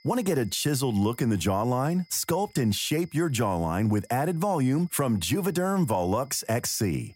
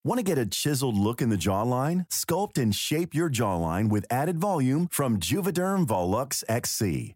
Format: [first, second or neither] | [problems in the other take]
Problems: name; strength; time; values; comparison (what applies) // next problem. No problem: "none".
second | high-pitched whine; faint; throughout; 5 kHz, 30 dB below the speech